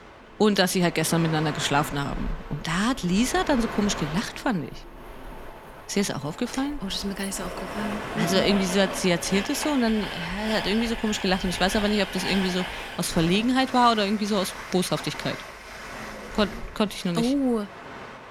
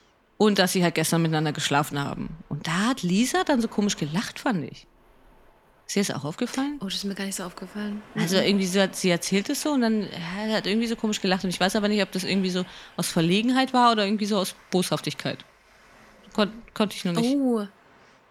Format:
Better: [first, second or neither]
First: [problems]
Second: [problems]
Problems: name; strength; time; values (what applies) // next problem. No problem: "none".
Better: second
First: train or aircraft noise; loud; throughout; 10 dB below the speech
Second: train or aircraft noise; faint; throughout; 25 dB below the speech